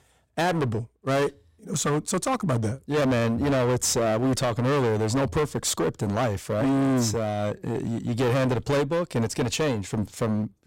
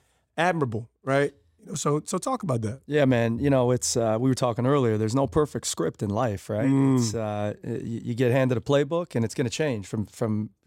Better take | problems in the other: second | distortion; heavy; 22% of the sound clipped

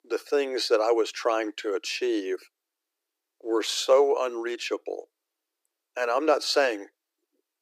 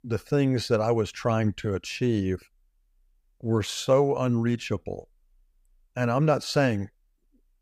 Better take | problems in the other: second | thin; very; fading below 300 Hz

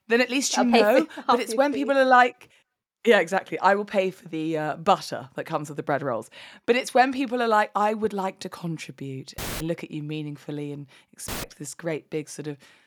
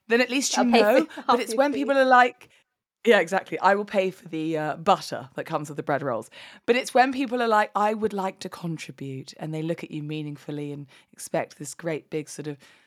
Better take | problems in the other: second | audio cutting out; filled with static; at 9.5 s and at 11 s

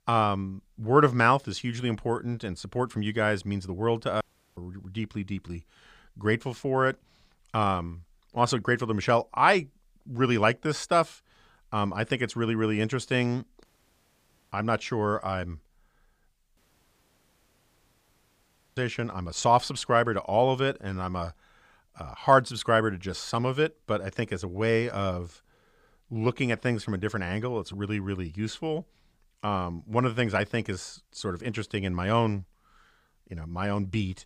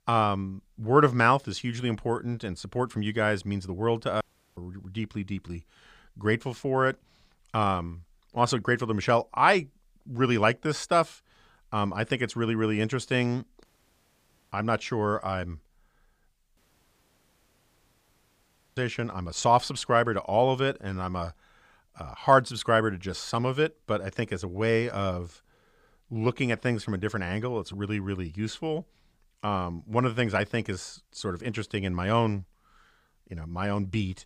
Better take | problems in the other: neither | audio cutting out; at 4 s, at 14 s for 1 s and at 17 s for 2 s; the same in both

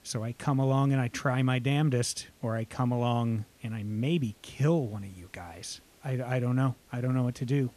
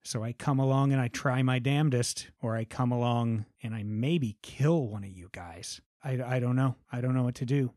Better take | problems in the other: second | hiss; faint; throughout; 30 dB below the speech

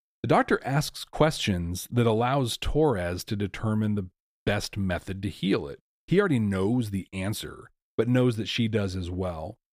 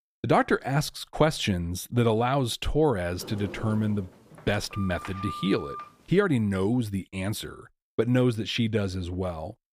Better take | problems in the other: first | door banging; noticeable; from 3 to 6 s; peak 10 dB below the speech

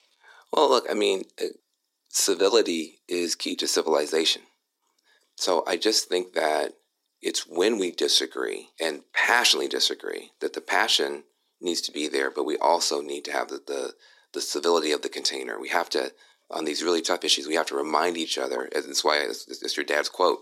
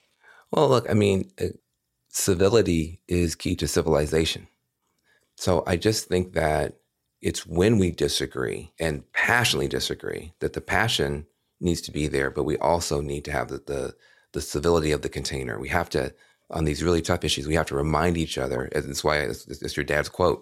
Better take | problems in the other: second | thin; somewhat; fading below 250 Hz

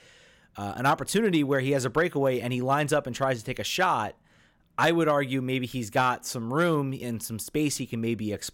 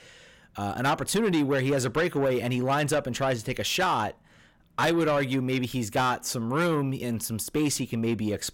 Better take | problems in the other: first | distortion; slight; 10 dB below the speech

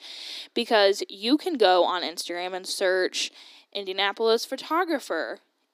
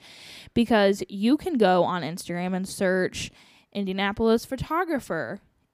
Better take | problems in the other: second | thin; somewhat; fading below 300 Hz

